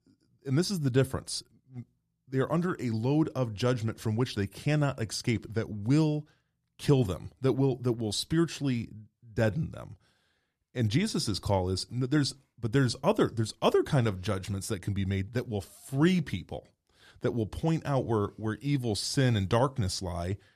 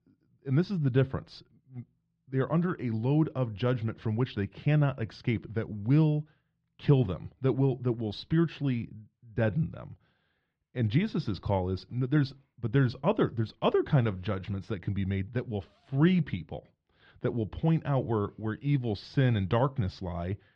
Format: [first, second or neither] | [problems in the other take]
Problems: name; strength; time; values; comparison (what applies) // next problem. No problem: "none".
first | muffled; slightly; fading above 3.5 kHz